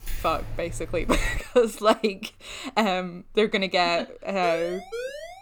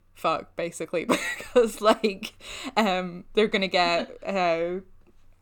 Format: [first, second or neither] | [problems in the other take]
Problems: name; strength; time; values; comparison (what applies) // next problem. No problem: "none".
second | jangling keys; noticeable; until 1.5 s; peak 9 dB below the speech // siren; noticeable; at 4.5 s; peak 9 dB below the speech